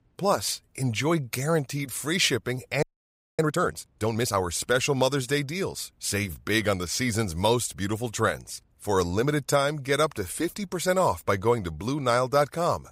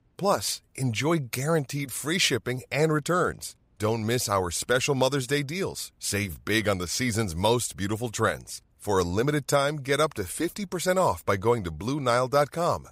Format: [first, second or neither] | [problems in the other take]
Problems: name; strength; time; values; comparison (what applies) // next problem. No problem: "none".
second | audio freezing; at 3 s for 0.5 s